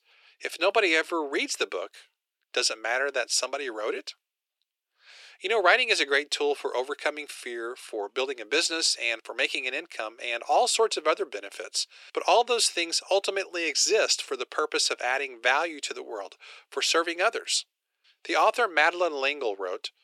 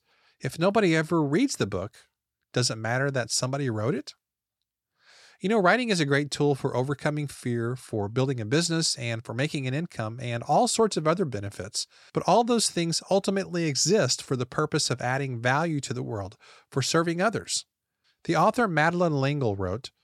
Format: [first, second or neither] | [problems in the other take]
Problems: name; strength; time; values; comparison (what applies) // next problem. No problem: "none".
second | thin; very; fading below 350 Hz